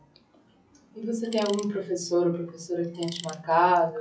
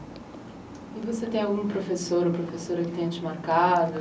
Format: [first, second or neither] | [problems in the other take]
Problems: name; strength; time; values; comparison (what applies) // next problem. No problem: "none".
second | noise reduction (classical method log-MMSE)